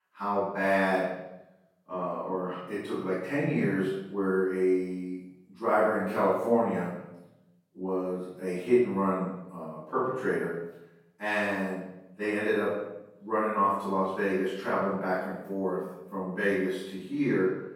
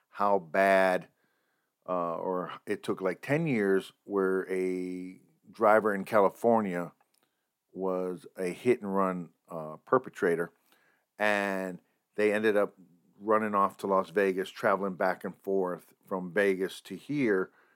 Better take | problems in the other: second | off-mic speech; far // room echo; strong; dies away in 0.8 s

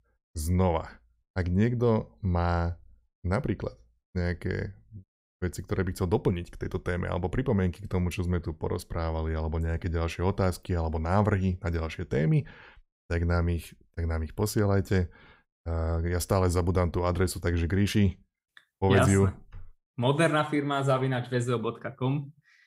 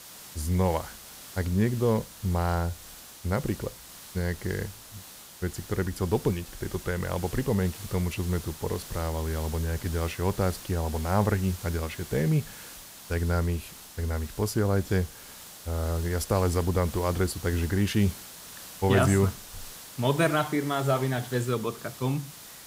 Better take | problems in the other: first | hiss; noticeable; throughout; 15 dB below the speech

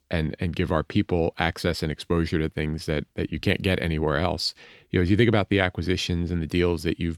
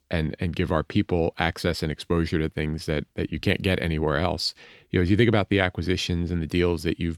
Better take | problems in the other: neither | none

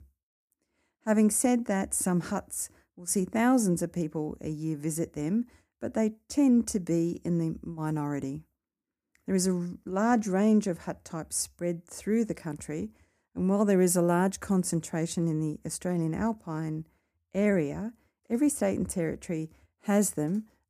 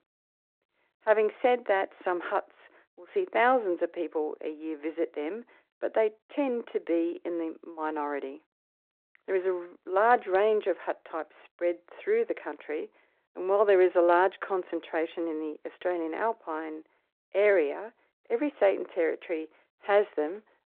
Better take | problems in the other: first | phone-call audio

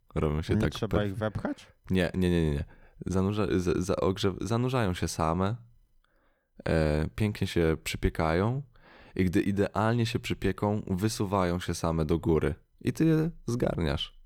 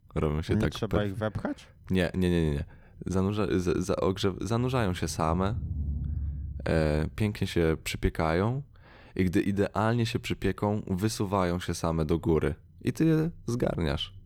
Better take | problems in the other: first | low rumble; faint; throughout; 25 dB below the speech

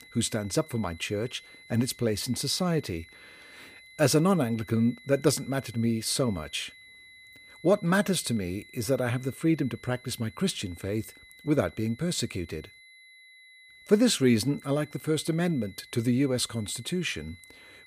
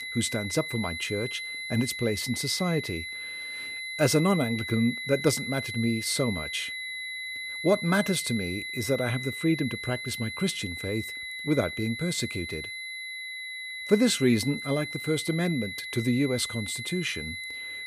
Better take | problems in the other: first | high-pitched whine; loud; throughout; 2 kHz, 6 dB below the speech; faint in the first

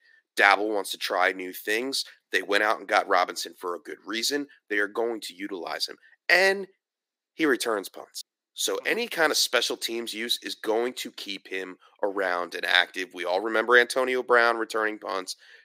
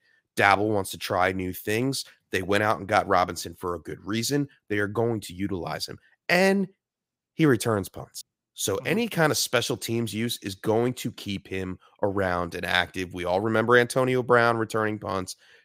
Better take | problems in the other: second | thin; somewhat; fading below 300 Hz

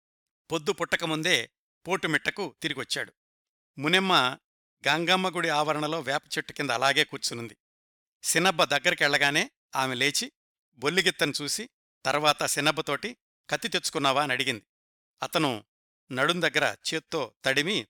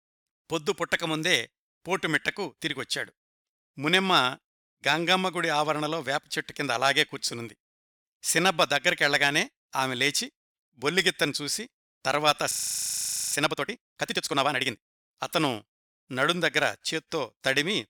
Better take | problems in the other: first | audio freezing; at 13 s for 1 s

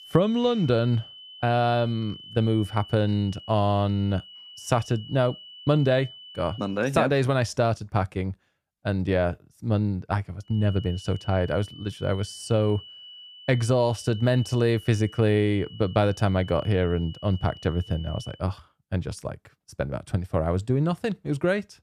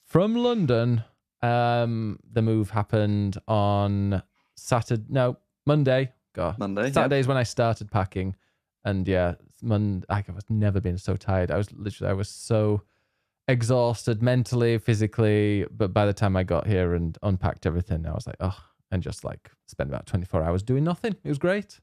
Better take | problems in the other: second | high-pitched whine; noticeable; until 7 s and from 11 to 18 s; 3 kHz, 15 dB below the speech

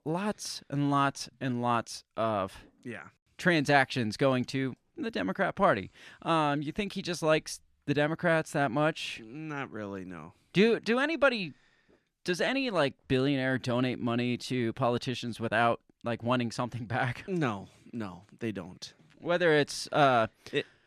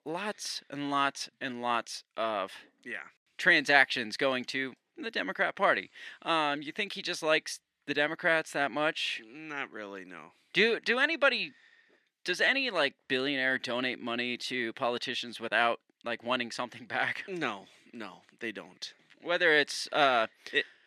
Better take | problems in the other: first | thin; somewhat; fading below 300 Hz

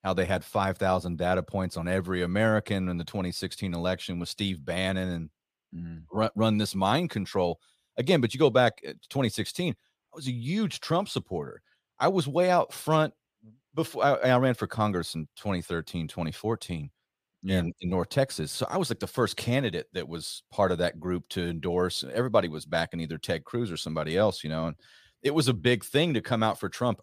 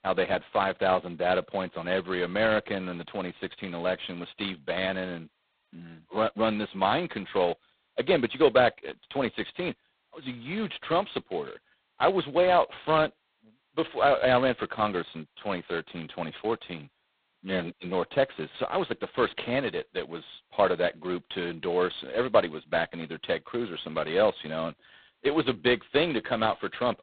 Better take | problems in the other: first | phone-call audio; poor line; nothing above 4 kHz

